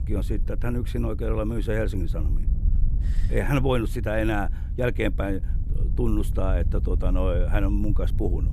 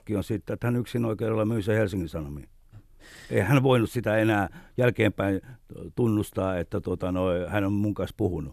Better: second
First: wind noise on the microphone; occasional gusts; 15 dB below the speech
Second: none

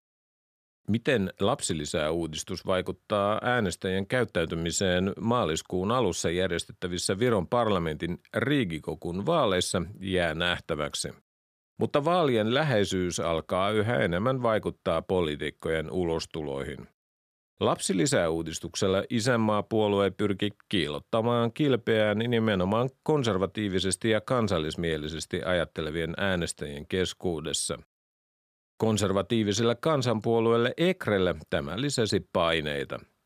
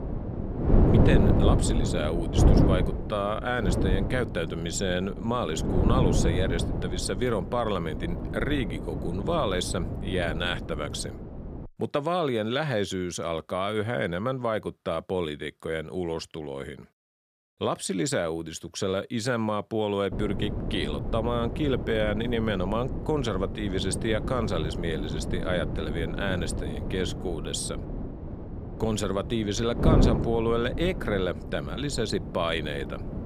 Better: first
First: none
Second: wind noise on the microphone; heavy; until 12 s and from 20 s on; 6 dB below the speech

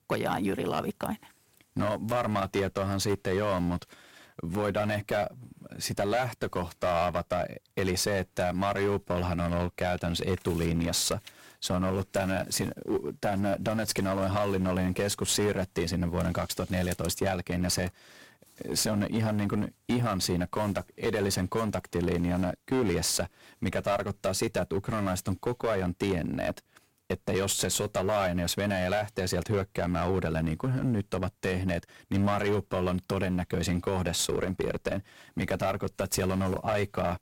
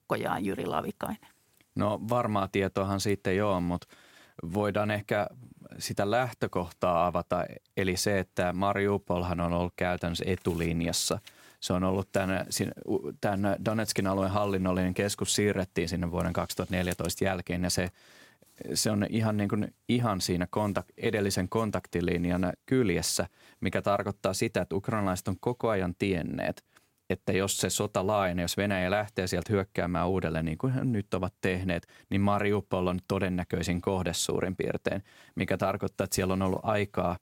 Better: second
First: distortion; heavy; 8% of the sound clipped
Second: none

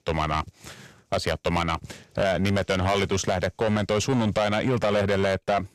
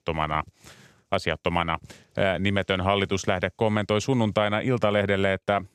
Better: second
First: distortion; heavy; 6 dB below the speech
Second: none

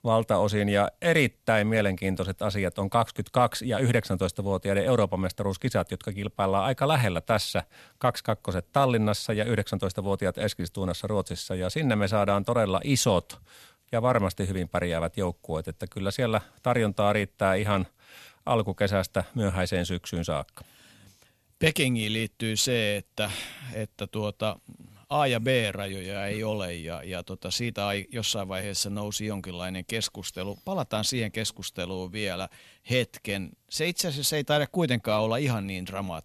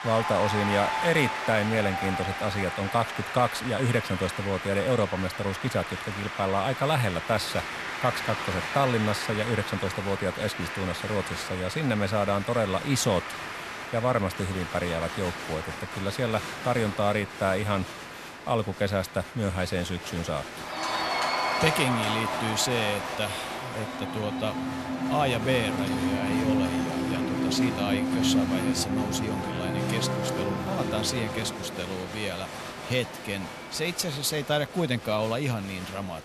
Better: first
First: none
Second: crowd noise; loud; throughout; 3 dB below the speech

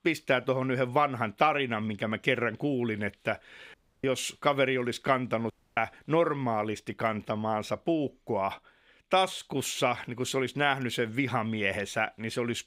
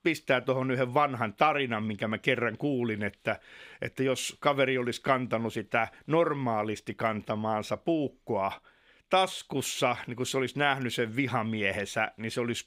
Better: second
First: audio cutting out; at 3.5 s and at 5.5 s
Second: none

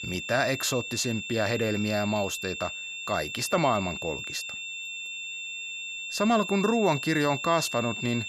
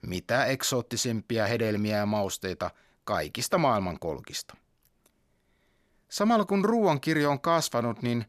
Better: second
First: high-pitched whine; loud; throughout; 2.5 kHz, 6 dB below the speech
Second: none

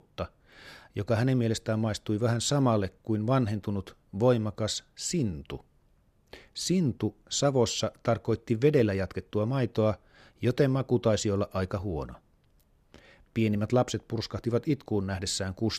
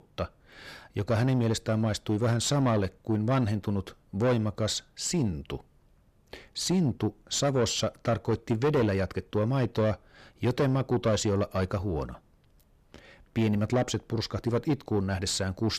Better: first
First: none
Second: distortion; slight; 10 dB below the speech

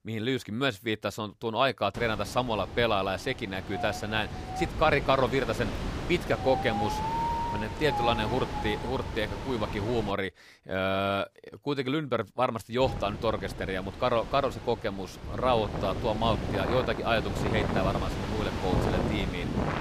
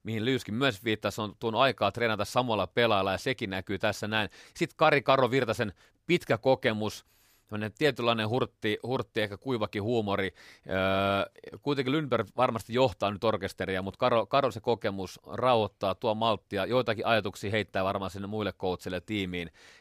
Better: second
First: wind noise on the microphone; heavy; from 2 to 10 s and from 13 s on; 5 dB below the speech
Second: none

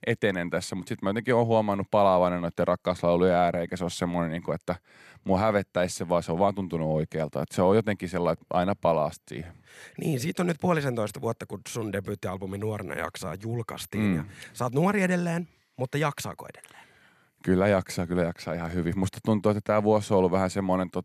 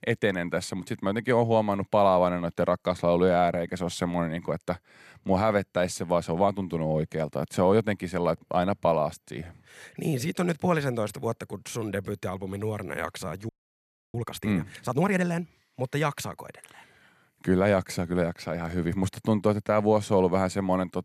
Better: first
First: none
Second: audio freezing; at 13 s for 0.5 s

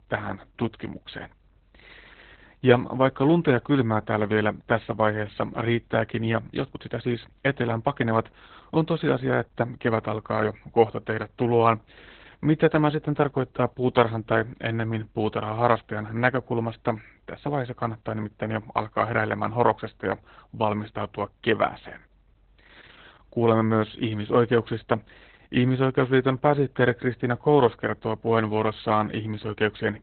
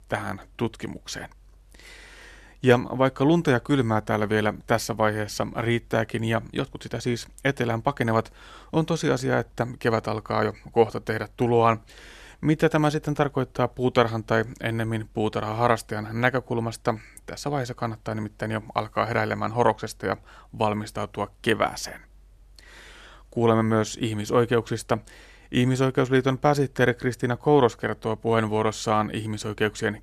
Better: second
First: garbled, watery; badly; nothing above 4 kHz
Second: none

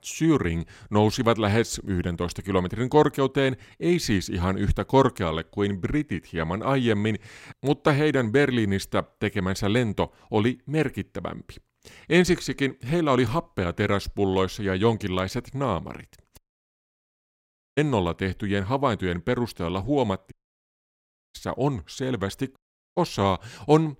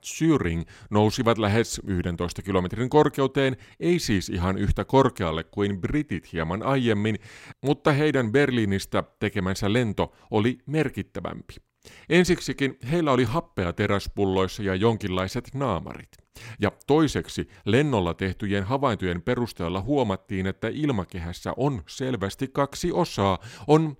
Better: second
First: audio cutting out; at 16 s for 1.5 s, at 20 s for 1 s and at 23 s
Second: none

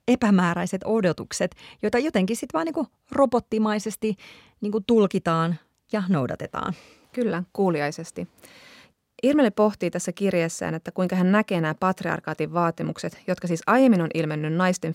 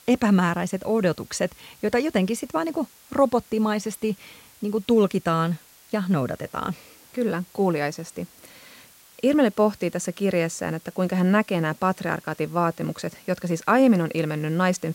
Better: first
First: none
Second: hiss; faint; throughout; 25 dB below the speech

